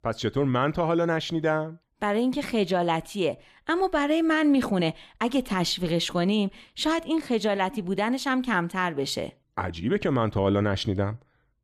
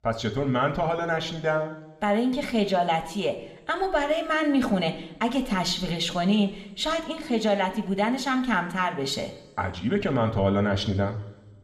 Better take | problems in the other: first | room echo; very slight; dies away in 0.8 s

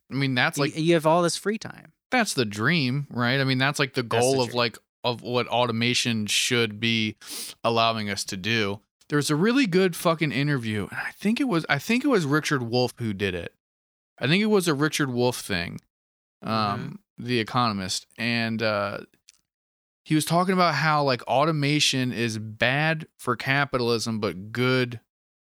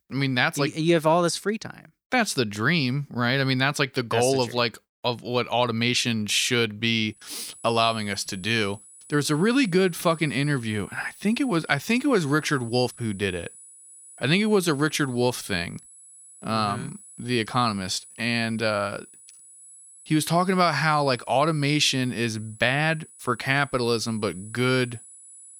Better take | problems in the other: first | high-pitched whine; faint; from 7 s on; 10.5 kHz, 20 dB below the speech

